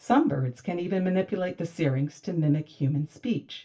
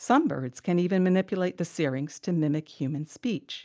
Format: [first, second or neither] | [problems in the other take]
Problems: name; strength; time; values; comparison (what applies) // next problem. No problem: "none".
second | room echo; dies away in 0.2 s